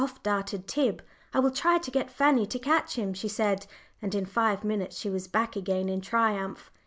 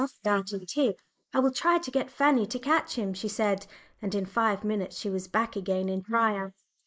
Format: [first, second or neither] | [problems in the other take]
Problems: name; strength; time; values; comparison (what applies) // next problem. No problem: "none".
first | noise reduction (neural mask model Resemble Enhance denoiser)